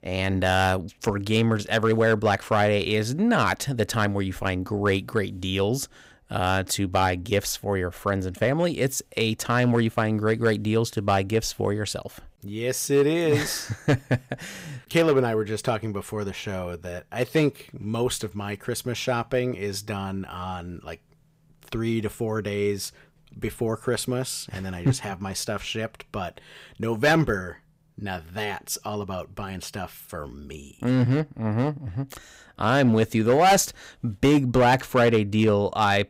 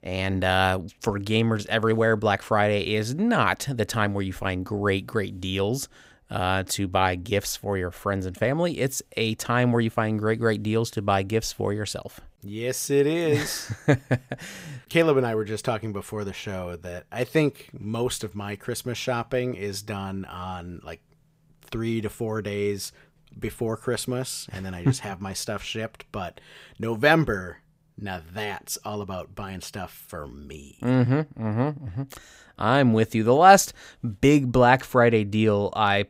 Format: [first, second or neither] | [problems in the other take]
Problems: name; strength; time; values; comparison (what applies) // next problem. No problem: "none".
second | distortion; slight; 2% of the sound clipped